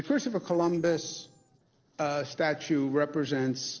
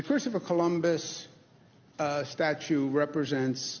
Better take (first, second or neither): second